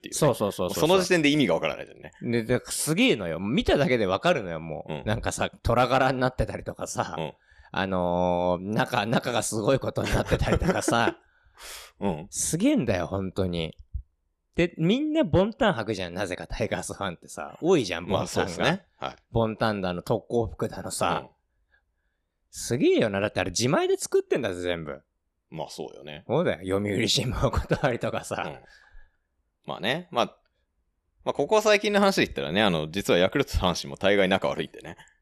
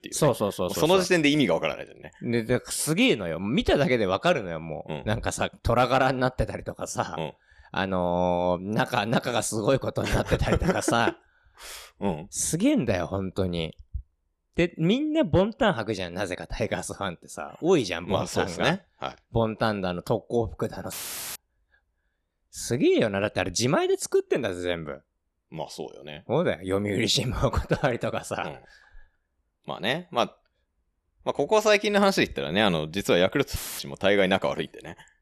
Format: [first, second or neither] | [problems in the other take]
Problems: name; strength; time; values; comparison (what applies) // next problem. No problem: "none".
first | audio cutting out; filled with static; at 21 s and at 34 s